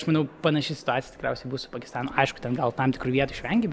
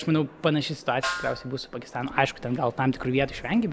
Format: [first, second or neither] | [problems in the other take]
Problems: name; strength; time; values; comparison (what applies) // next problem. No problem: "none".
first | background sound (Snare drum); 11 dB below the speech